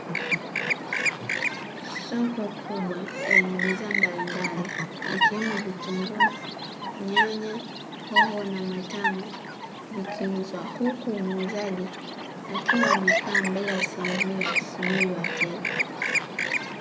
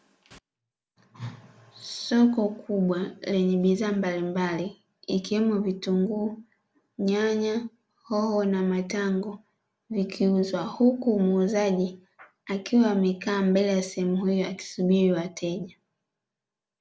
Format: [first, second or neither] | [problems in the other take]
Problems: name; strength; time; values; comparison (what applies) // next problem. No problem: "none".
second | background sound (Chirp, tweet); 4 dB above the speech